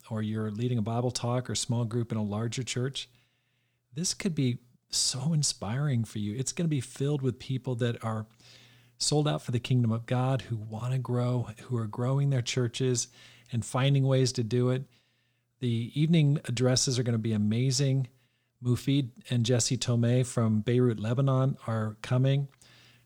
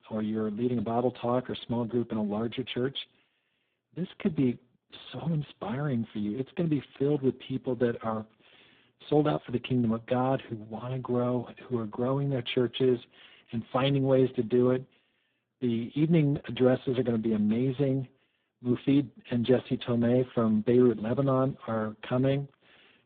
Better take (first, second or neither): first